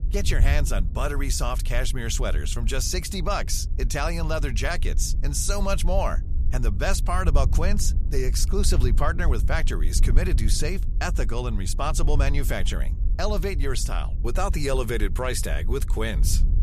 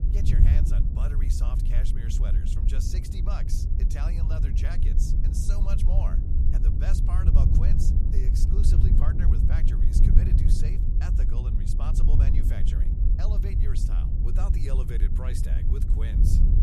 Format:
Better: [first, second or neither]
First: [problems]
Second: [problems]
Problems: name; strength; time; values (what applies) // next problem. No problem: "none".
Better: first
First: wind noise on the microphone; occasional gusts; 15 dB below the speech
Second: wind noise on the microphone; heavy; 1 dB above the speech